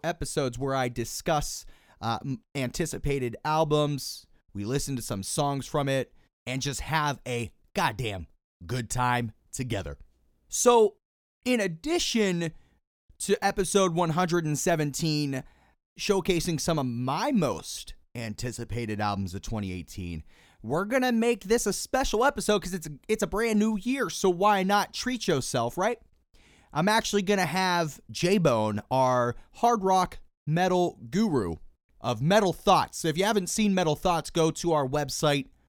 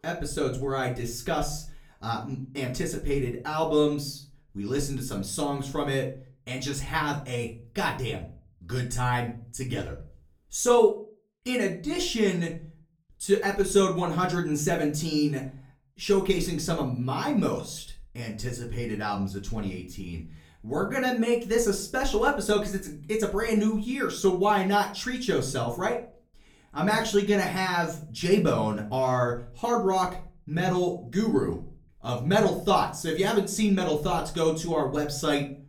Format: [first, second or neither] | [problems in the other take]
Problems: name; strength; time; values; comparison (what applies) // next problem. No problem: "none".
first | off-mic speech; far // room echo; very slight; dies away in 0.4 s